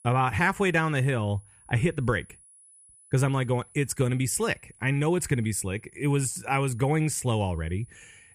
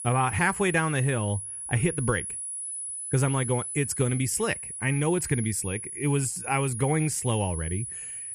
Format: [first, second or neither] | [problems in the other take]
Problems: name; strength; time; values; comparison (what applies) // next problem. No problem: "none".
first | high-pitched whine; loud; throughout; 10 kHz, 6 dB below the speech; faint in the first